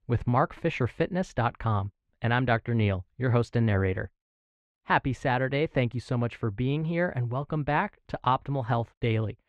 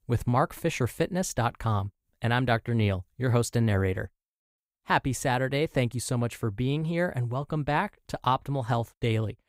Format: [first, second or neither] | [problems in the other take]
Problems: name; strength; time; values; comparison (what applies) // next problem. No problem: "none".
second | muffled; slightly; fading above 2.5 kHz